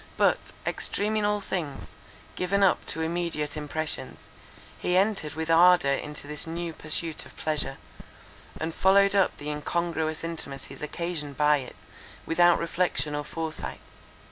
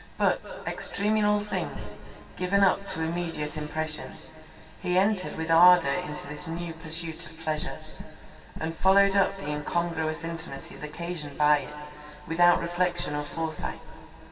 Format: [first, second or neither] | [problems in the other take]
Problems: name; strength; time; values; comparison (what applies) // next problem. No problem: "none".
first | room echo; dies away in 2.8 s